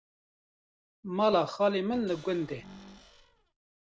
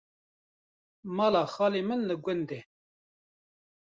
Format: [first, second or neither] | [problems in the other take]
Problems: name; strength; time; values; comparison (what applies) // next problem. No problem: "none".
second | background sound (Cupboard open or close / Door); 20 dB below the speech